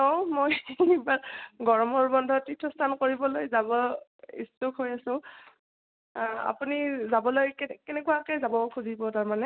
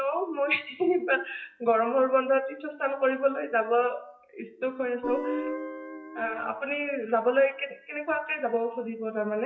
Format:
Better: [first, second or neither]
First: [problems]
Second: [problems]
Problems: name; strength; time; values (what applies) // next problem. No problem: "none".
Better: first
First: none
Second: noise reduction (classical method WPE with log-MMSE)